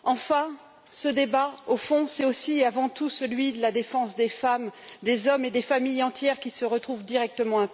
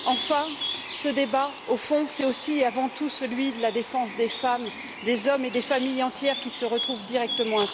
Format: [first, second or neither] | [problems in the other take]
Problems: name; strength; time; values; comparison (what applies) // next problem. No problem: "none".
first | background sound (Bird); 9 dB below the speech